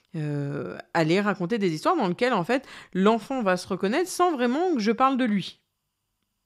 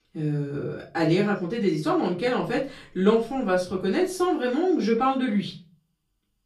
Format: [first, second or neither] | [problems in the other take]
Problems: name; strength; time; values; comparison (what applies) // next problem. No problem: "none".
first | off-mic speech; far // room echo; slight; dies away in 0.3 s